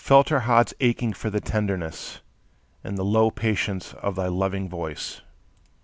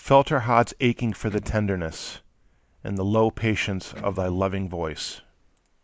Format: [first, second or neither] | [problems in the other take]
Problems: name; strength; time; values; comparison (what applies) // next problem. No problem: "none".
first | noise reduction (neural mask model Resemble Enhance denoiser)